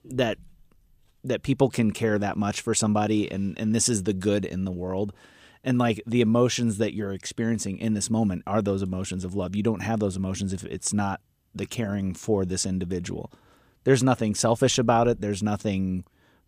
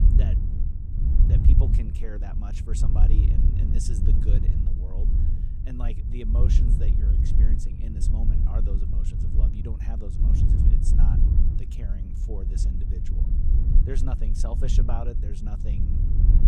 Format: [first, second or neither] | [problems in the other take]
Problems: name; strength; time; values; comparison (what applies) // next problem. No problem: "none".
first | wind noise on the microphone; heavy; 1 dB above the speech